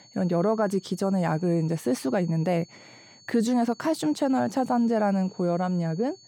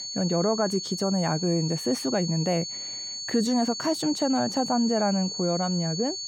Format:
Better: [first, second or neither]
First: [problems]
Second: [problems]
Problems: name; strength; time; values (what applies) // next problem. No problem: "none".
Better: first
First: high-pitched whine; faint; throughout; 4.5 kHz, 25 dB below the speech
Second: high-pitched whine; loud; throughout; 4.5 kHz, 6 dB below the speech